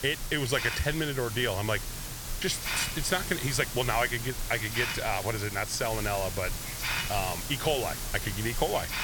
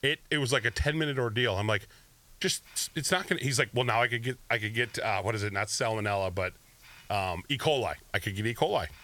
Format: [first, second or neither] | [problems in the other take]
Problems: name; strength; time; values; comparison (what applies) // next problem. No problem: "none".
second | hiss; loud; throughout; 4 dB below the speech; faint in the second